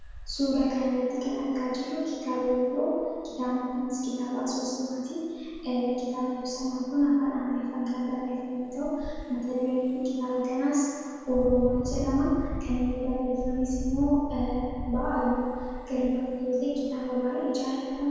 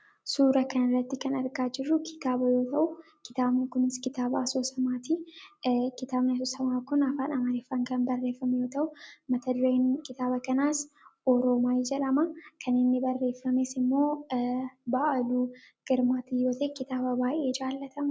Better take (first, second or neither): second